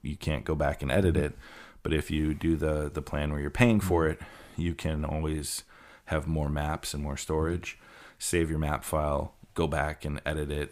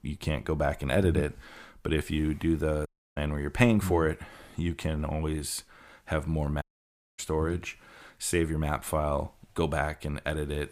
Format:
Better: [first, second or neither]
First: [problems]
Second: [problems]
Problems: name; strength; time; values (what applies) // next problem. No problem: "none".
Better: first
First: none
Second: audio cutting out; at 3 s and at 6.5 s for 0.5 s